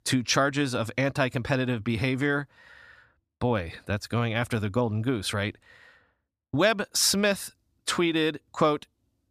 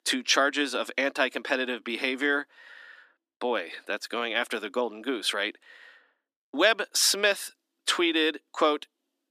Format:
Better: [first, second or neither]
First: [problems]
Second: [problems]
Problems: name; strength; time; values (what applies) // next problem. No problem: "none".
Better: first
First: none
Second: thin; somewhat; fading below 300 Hz